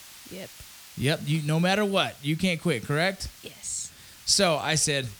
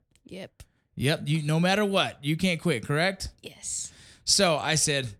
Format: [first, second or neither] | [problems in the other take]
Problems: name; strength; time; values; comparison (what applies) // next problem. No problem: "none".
second | hiss; faint; throughout; 20 dB below the speech